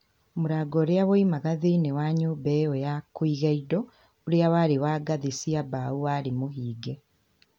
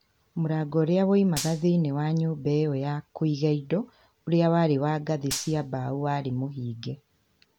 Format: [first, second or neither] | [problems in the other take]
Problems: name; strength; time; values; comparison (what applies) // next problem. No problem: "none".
first | background sound (Gunshot, gunfire); 13 dB below the speech